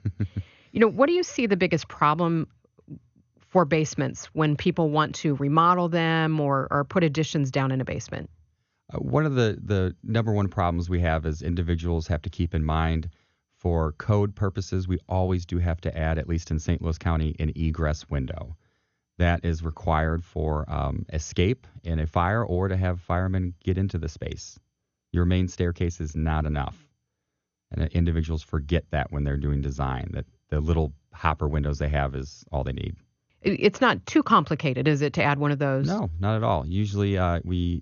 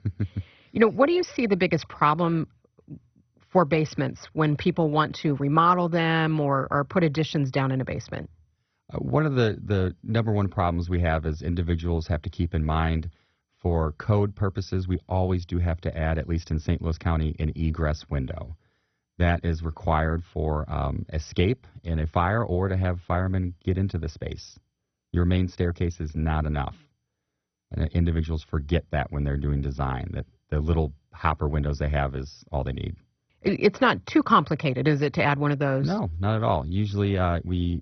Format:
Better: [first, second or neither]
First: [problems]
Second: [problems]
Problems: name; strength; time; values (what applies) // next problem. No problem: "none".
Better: first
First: garbled, watery; slightly; nothing above 6.5 kHz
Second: garbled, watery; badly; nothing above 6 kHz